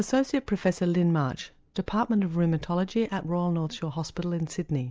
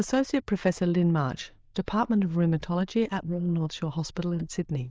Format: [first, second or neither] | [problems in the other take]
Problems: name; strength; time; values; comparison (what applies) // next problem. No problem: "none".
first | noise reduction (neural diffusion model UNIVERSE++)